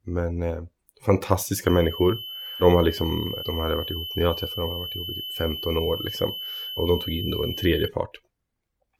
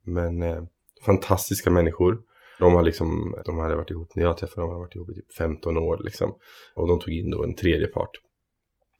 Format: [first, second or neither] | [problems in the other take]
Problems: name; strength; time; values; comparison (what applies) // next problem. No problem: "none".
second | high-pitched whine; loud; from 1.5 to 8 s; 3 kHz, 6 dB below the speech